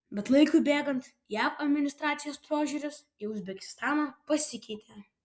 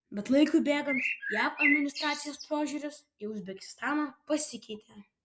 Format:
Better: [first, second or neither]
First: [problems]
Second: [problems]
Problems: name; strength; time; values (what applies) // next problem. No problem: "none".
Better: first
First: none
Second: background sound (Bird); 1 dB below the speech